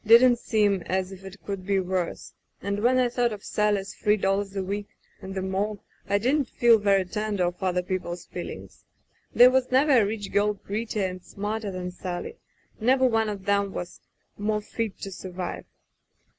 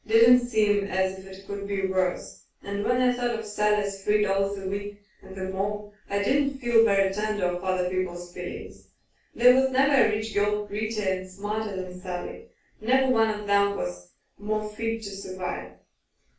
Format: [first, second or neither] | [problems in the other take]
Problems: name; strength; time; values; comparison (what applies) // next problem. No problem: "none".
first | room echo; dies away in 0.3 s